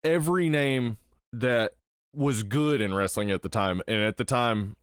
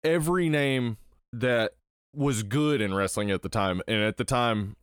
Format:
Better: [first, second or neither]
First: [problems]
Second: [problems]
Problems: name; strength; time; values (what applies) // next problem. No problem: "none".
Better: second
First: garbled, watery; slightly; nothing above 19 kHz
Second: none